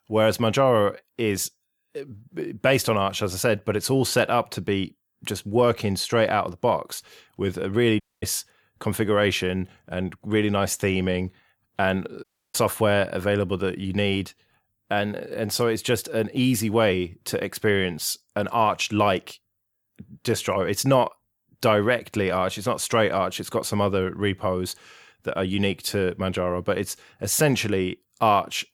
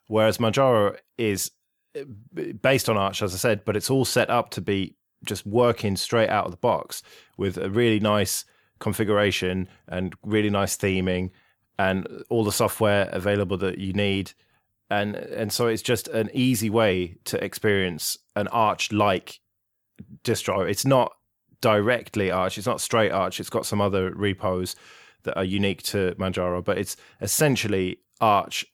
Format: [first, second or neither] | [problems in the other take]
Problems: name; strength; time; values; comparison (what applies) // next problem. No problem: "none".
second | audio cutting out; at 8 s and at 12 s